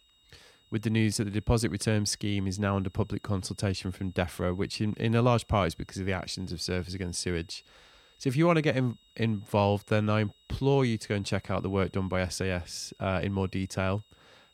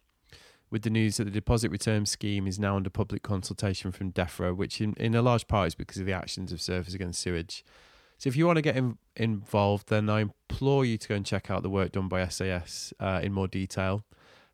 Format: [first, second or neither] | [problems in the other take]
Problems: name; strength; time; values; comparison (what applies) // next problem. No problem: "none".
second | high-pitched whine; faint; throughout; 3.5 kHz, 30 dB below the speech